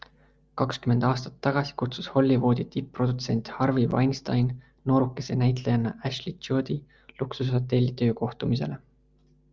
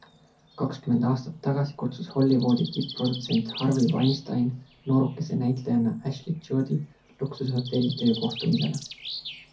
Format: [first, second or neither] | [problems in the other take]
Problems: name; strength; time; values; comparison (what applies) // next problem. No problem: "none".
first | background sound (Bird); 16 dB below the speech // room echo; dies away in 0.3 s